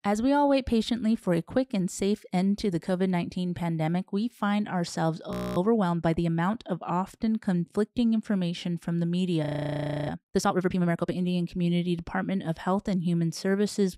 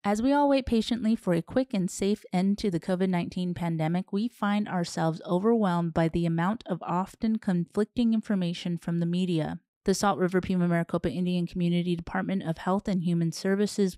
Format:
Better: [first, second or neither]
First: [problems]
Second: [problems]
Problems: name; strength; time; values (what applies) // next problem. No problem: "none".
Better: second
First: audio freezing; at 5.5 s and at 9.5 s for 0.5 s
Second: none